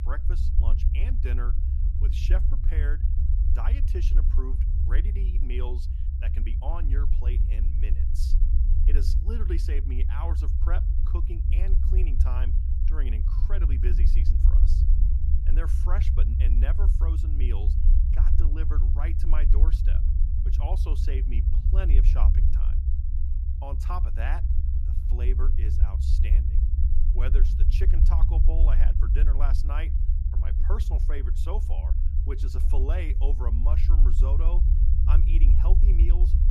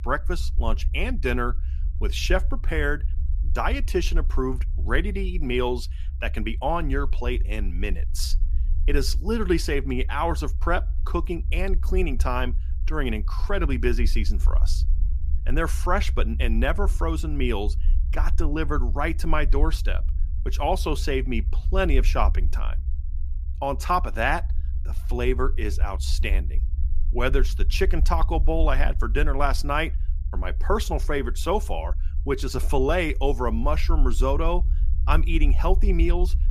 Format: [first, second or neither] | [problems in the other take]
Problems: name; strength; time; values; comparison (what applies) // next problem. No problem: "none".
second | low rumble; loud; throughout; 3 dB below the speech; faint in the second